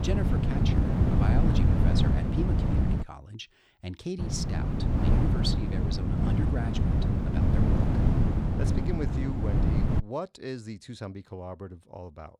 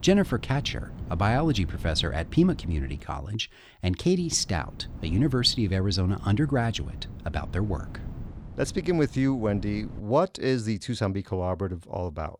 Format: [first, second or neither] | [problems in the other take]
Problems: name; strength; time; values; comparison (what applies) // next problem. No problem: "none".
second | wind noise on the microphone; heavy; until 3 s and from 4 to 10 s; 4 dB above the speech; occasional gusts in the second